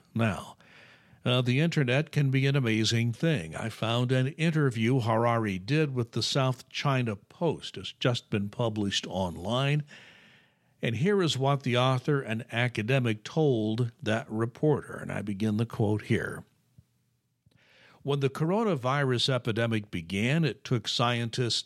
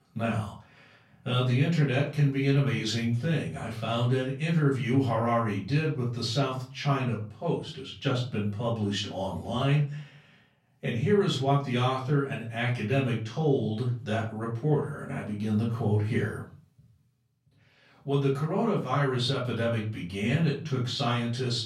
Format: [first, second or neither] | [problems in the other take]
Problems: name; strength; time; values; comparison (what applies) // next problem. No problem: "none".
first | room echo; slight; dies away in 0.4 s // off-mic speech; far